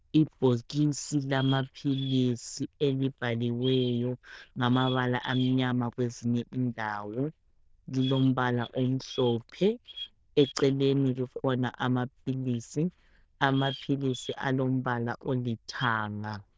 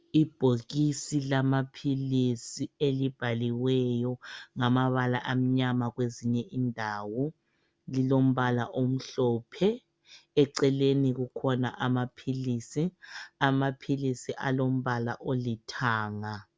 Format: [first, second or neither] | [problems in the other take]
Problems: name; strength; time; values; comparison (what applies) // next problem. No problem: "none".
second | noise reduction (neural diffusion model UNIVERSE++)